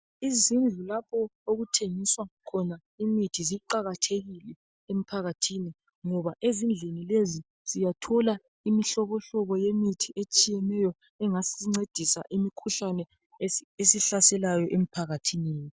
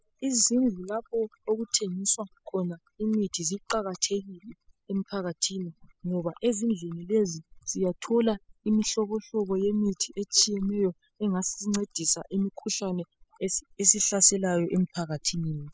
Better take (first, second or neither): first